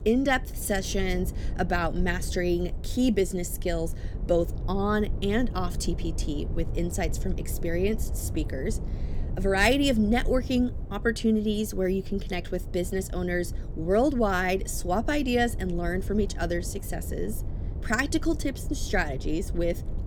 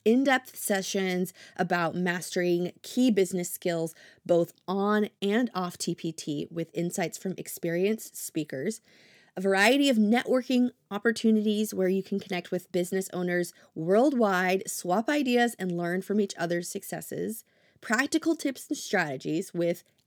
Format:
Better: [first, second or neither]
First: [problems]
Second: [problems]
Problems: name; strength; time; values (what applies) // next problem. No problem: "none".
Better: second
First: low rumble; noticeable; throughout; 20 dB below the speech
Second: none